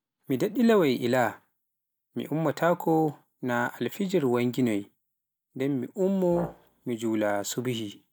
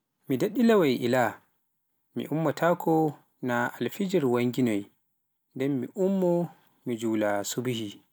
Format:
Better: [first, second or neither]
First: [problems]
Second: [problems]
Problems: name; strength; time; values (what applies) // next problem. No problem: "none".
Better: second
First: noise reduction (neural mask model DeepFilterNet 3)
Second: none